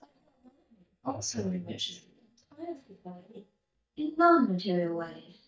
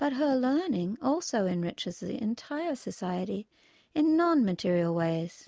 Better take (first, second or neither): second